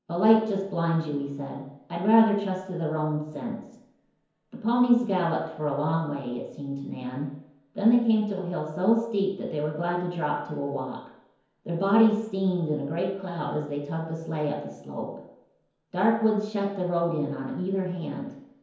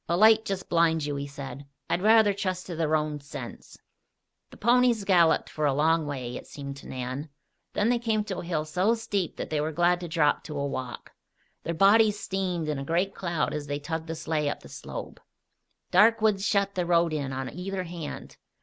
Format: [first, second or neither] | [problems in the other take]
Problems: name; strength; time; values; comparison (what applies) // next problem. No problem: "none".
second | room echo; dies away in 0.9 s